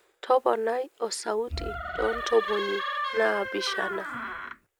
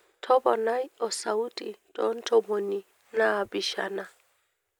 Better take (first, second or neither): second